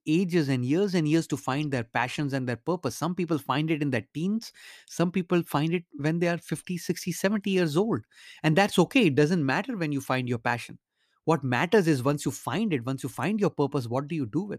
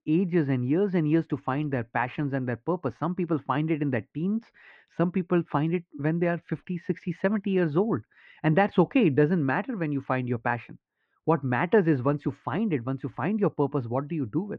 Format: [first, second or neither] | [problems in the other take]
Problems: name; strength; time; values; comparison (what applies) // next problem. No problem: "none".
first | muffled; very; fading above 2 kHz